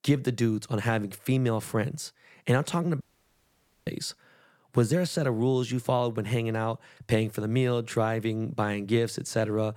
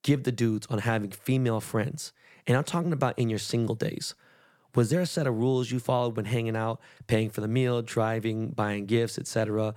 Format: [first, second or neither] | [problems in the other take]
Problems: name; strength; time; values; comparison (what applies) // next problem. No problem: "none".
second | audio cutting out; at 3 s for 1 s